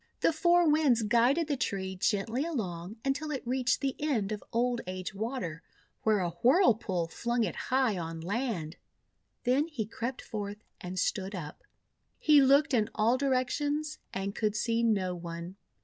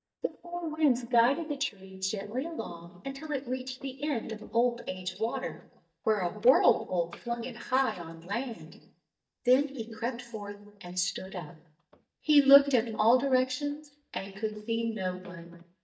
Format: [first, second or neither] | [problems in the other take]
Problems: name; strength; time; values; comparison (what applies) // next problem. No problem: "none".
first | noise reduction (neural mask model DeepFilterNet 3)